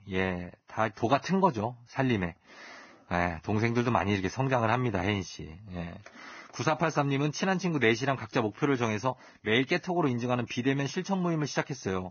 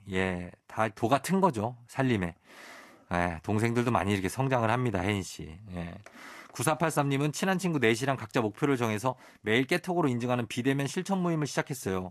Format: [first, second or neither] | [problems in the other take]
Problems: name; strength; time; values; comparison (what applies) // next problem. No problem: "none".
second | garbled, watery; badly; nothing above 6.5 kHz; slightly in the second